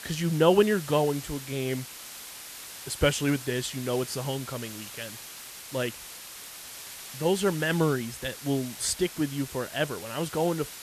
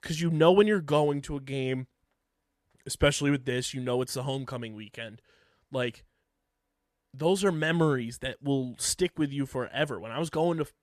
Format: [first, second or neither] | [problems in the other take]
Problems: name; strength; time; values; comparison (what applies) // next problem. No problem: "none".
second | hiss; noticeable; throughout; 10 dB below the speech